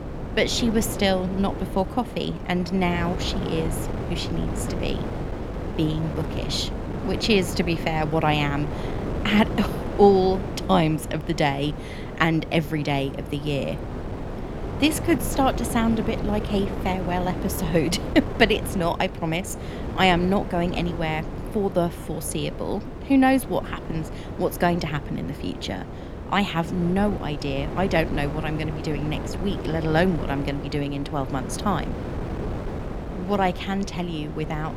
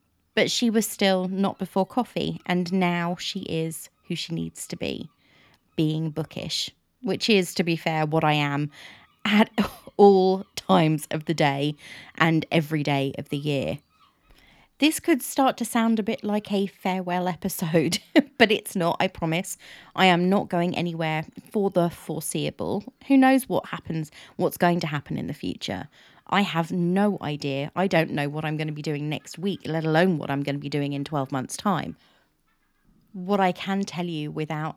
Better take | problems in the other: second | wind noise on the microphone; heavy; 10 dB below the speech

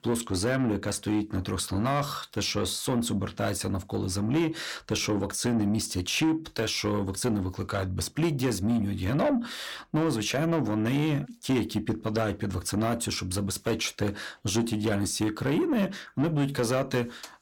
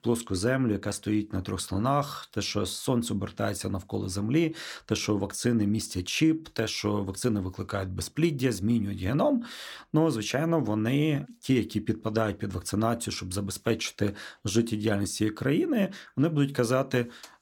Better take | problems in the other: second | distortion; slight; 10 dB below the speech

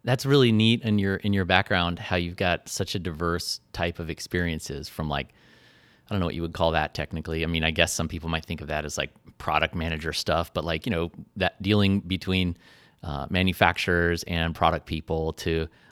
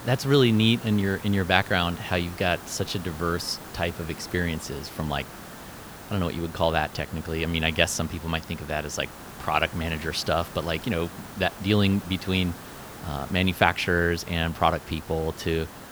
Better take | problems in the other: first | hiss; noticeable; throughout; 15 dB below the speech

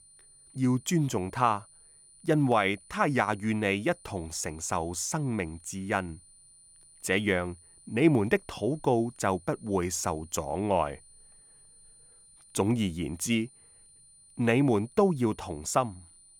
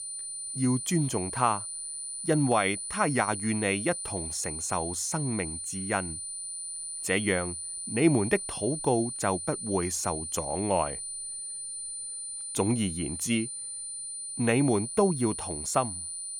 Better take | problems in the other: first | high-pitched whine; loud; throughout; 9.5 kHz, 5 dB below the speech; faint in the first

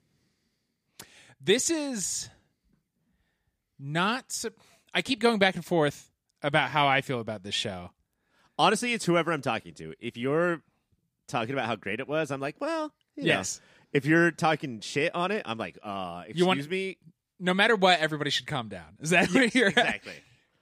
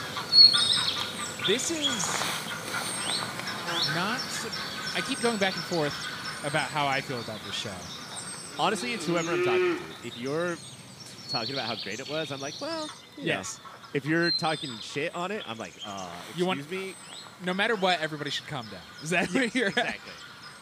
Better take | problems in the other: first | animal sounds; very loud; throughout; 4 dB above the speech

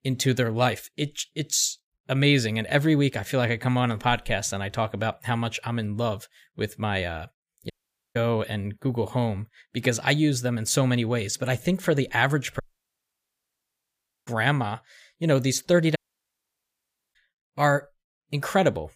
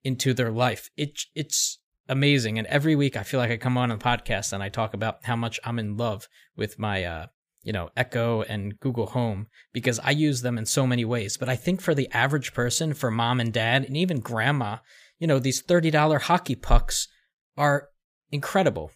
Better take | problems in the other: second | audio cutting out; at 7.5 s, at 13 s for 1.5 s and at 16 s for 1 s

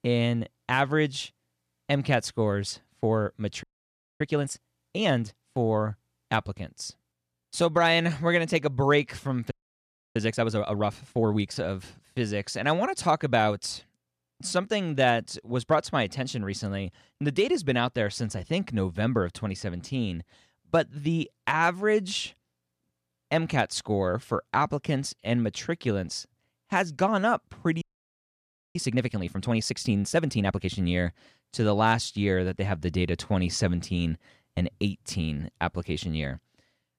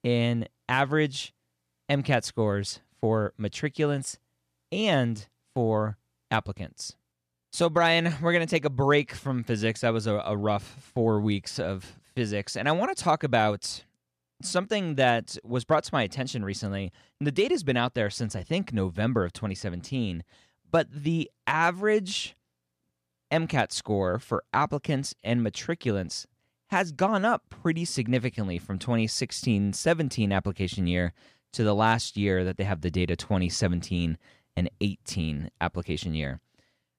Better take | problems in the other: second | audio freezing; at 3.5 s for 0.5 s, at 9.5 s for 0.5 s and at 28 s for 1 s

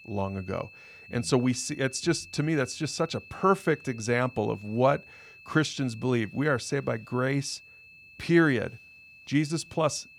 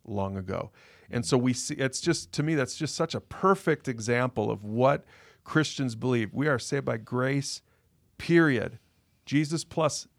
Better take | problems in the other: second | high-pitched whine; faint; throughout; 2.5 kHz, 20 dB below the speech

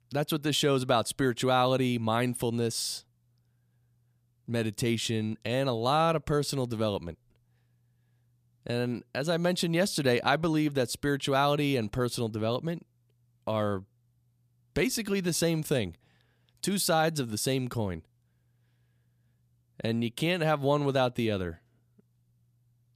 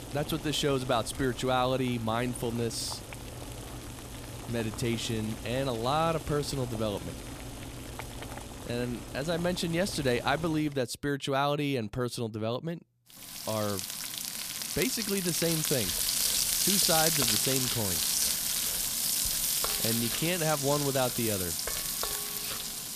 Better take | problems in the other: first | household noises; very loud; throughout; 1 dB above the speech

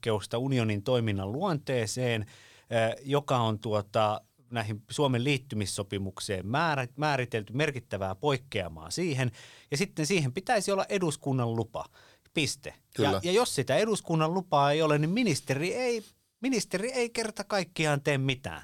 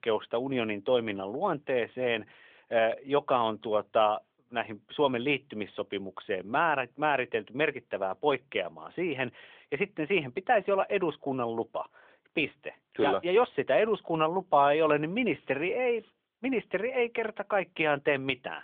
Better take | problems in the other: first | phone-call audio; nothing above 3.5 kHz

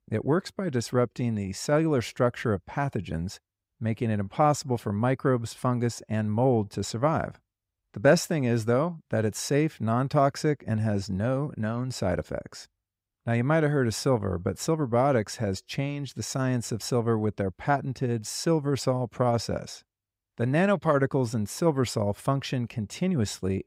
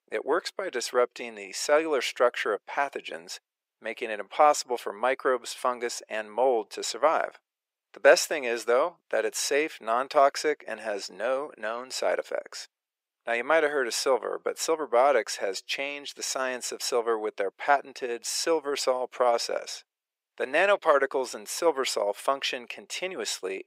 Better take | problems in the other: first | thin; very; fading below 400 Hz

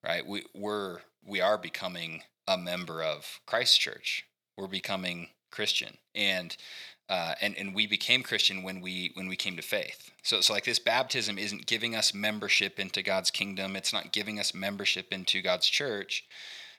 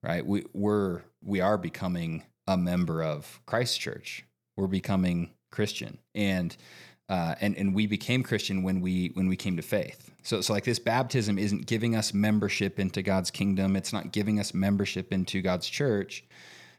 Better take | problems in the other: second | thin; somewhat; fading below 1 kHz

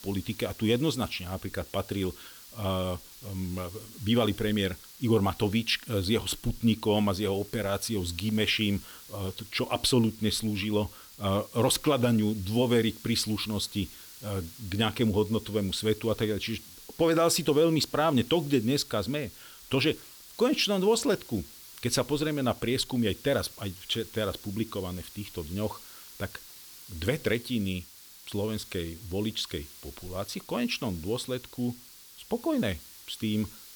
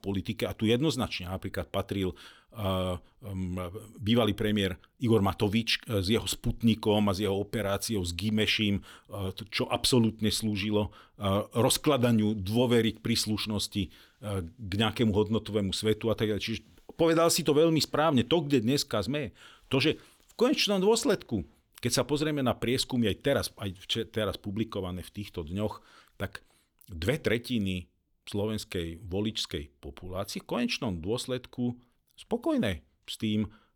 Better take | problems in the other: second | hiss; noticeable; throughout; 15 dB below the speech

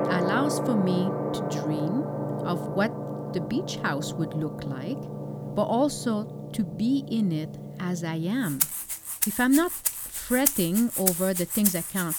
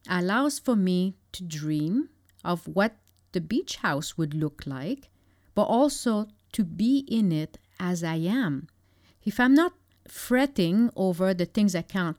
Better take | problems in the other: second | background music; loud; throughout; 2 dB below the speech

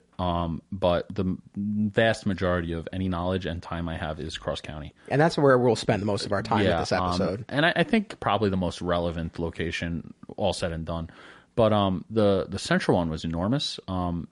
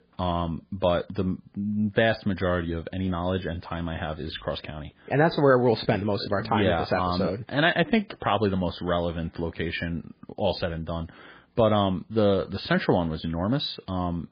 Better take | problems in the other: first | garbled, watery; badly; nothing above 4.5 kHz; slightly in the first

